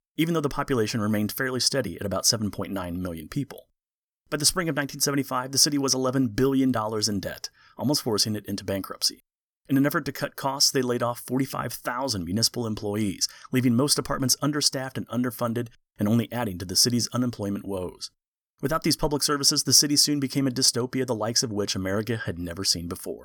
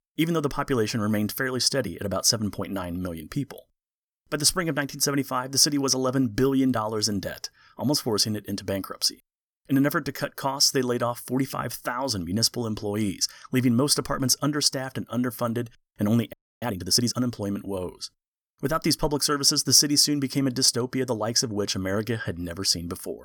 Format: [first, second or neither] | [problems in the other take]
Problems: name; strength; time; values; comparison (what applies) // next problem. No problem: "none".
first | audio freezing; at 16 s